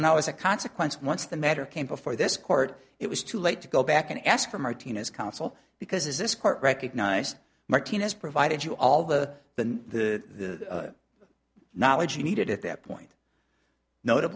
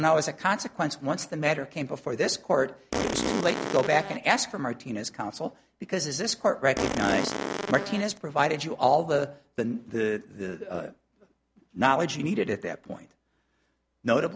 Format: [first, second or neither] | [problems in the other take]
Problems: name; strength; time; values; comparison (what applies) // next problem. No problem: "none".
first | background sound (Fart); 3 dB below the speech